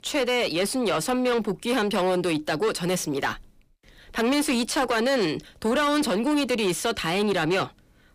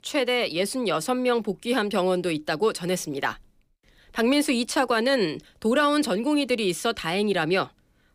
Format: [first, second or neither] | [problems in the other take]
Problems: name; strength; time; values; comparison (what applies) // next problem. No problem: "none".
second | distortion; slight; 10 dB below the speech